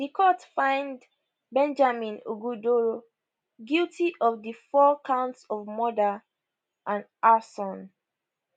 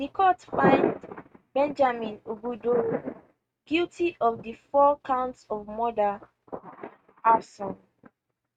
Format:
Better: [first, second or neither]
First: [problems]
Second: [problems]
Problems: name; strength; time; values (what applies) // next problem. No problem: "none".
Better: first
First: none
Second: noise reduction (neural mask model RNNoise)